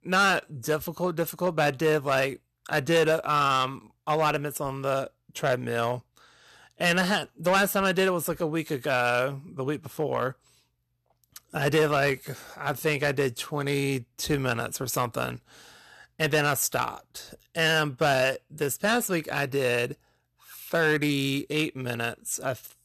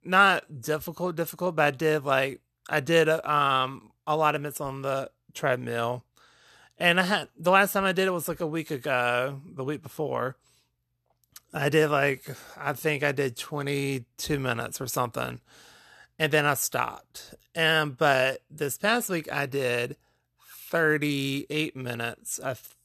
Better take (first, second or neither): second